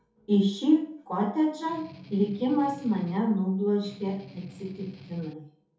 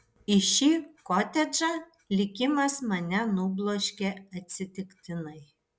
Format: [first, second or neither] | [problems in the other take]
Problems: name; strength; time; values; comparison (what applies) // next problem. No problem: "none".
second | background sound (Strum); 19 dB below the speech // room echo; dies away in 0.5 s